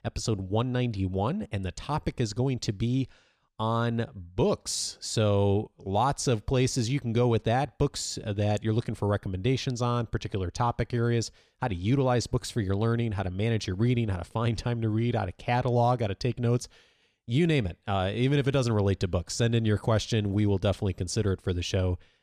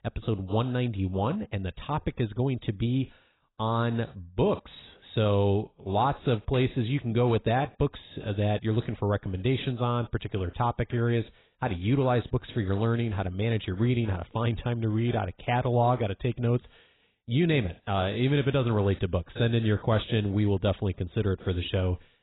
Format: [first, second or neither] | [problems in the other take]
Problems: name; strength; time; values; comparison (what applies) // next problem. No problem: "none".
first | garbled, watery; badly; nothing above 4 kHz